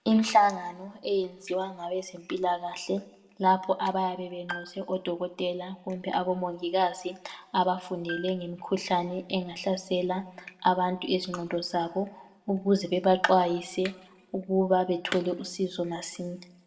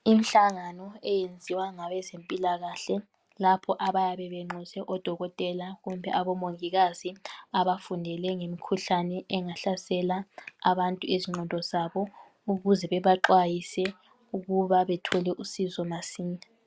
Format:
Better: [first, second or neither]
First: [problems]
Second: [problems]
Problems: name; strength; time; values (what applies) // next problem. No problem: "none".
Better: second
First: background sound (Piano); 17 dB below the speech // room echo; dies away in 0.7 s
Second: none